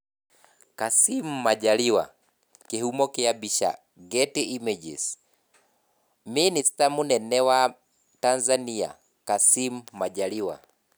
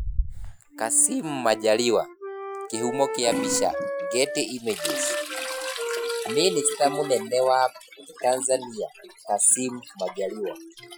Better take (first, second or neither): first